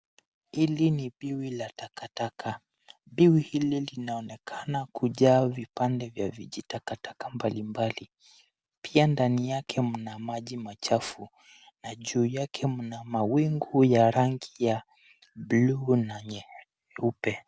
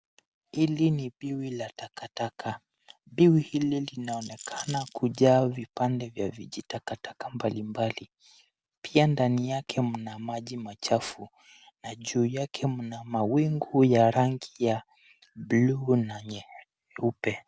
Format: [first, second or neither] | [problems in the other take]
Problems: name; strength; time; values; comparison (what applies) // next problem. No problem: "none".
first | background sound (Rattle); 15 dB below the speech